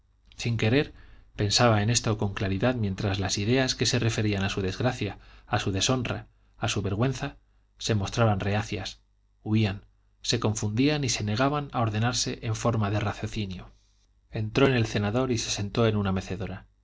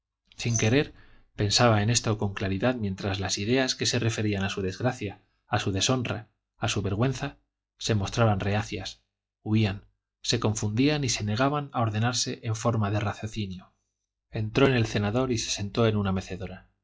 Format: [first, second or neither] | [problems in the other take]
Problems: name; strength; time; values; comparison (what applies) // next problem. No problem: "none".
first | noise reduction (classical method log-MMSE)